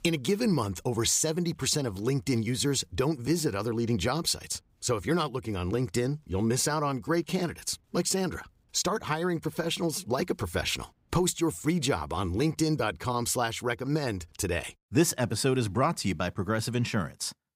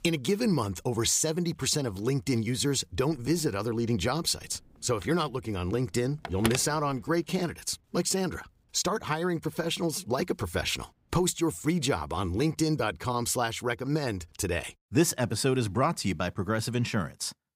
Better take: first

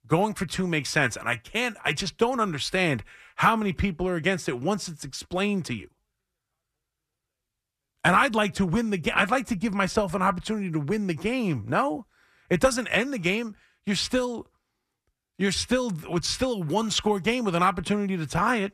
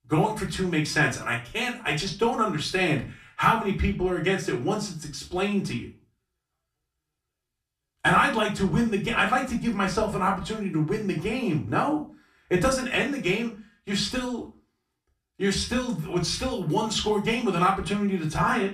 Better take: first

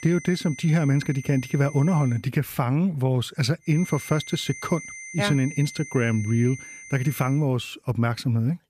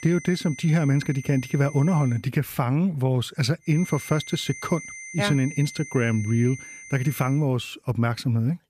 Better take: neither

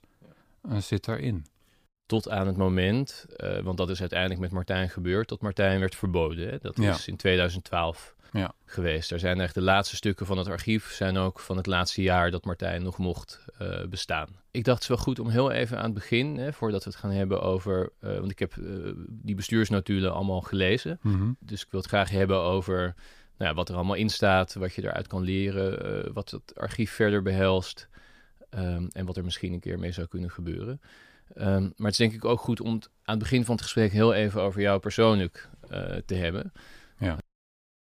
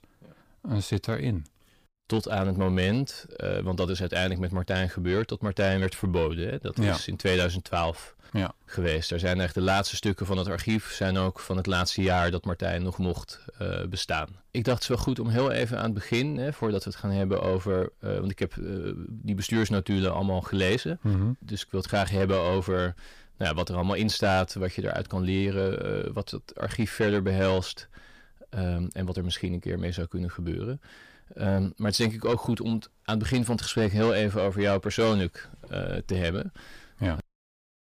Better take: first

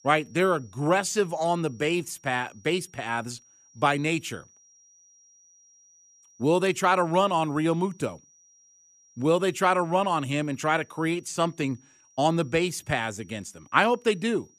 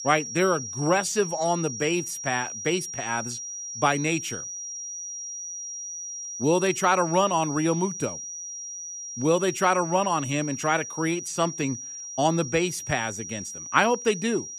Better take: first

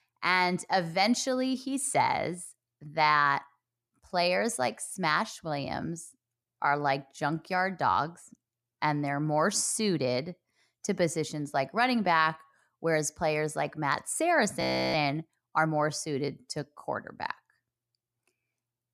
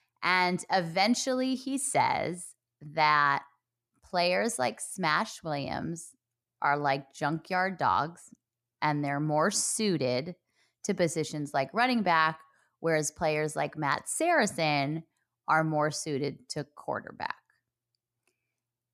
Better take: second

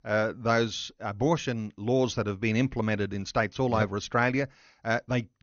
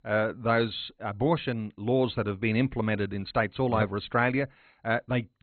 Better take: first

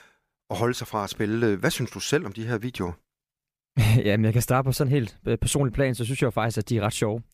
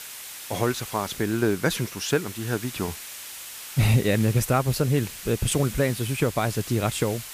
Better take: first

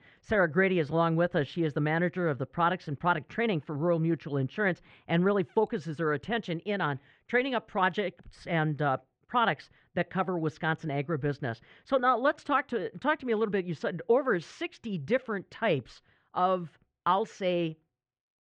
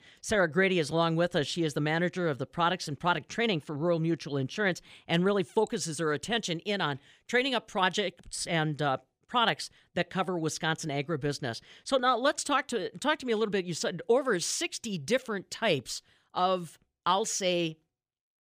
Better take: second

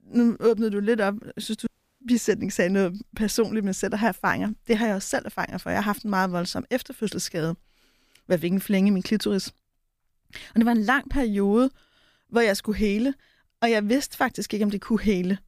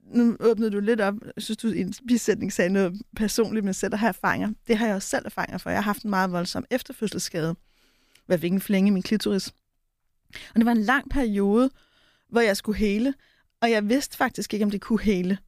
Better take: second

